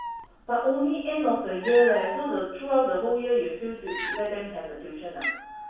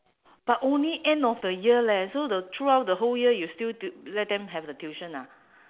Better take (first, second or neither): second